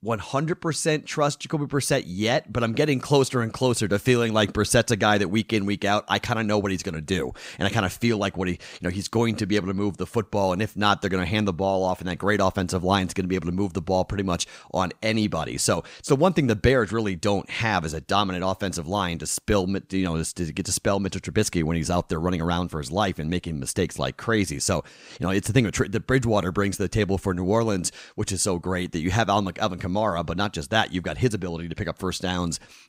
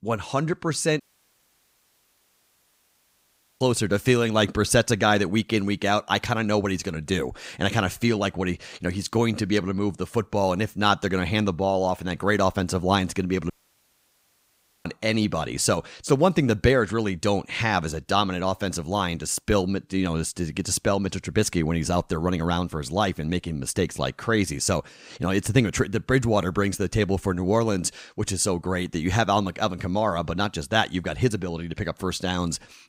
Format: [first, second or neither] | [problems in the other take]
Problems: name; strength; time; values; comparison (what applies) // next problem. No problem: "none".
first | audio cutting out; at 1 s for 2.5 s and at 14 s for 1.5 s